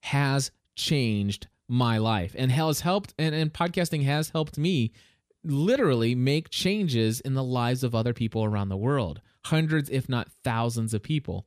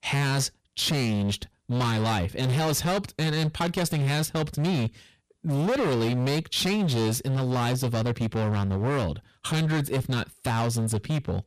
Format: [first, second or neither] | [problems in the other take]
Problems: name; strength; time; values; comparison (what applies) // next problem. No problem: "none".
first | distortion; heavy; 28% of the sound clipped